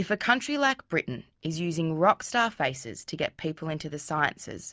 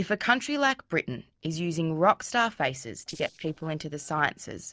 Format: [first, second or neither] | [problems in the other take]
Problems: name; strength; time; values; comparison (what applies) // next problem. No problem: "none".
first | noise reduction (neural separator model SepFormer DNS4)